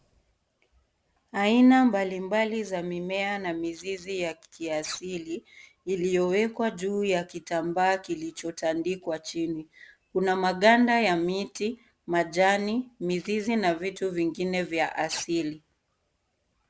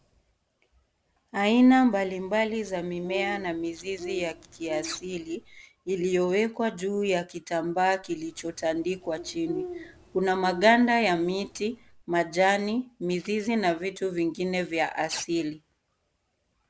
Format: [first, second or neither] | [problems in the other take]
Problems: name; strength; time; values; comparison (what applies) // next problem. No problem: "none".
first | background sound (Bird); 14 dB below the speech